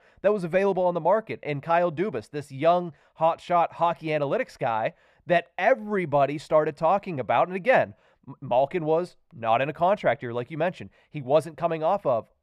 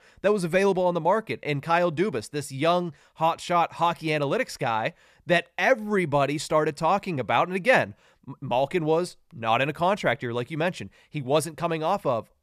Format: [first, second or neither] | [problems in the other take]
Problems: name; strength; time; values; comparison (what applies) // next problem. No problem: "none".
second | muffled; slightly; fading above 4 kHz